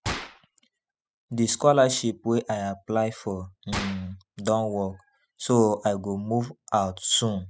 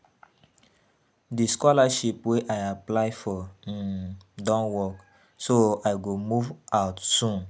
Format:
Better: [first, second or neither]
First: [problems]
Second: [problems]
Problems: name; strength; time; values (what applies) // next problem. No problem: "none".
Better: second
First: noise reduction (classical method spectral subtraction)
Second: none